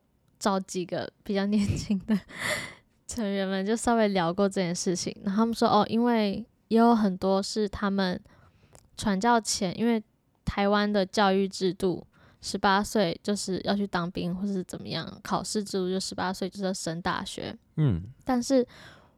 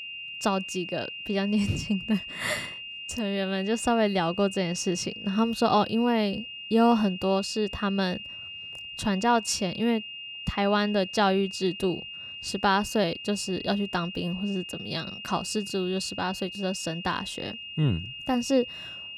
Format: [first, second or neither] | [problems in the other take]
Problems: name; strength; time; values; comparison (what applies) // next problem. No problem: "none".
first | high-pitched whine; loud; throughout; 3 kHz, 9 dB below the speech